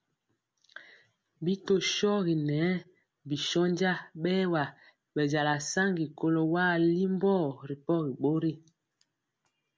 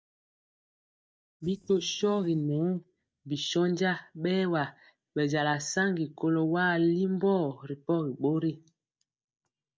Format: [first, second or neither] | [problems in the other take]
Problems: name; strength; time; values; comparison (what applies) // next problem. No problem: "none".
first | noise reduction (neural mask model DeepFilterNet 3)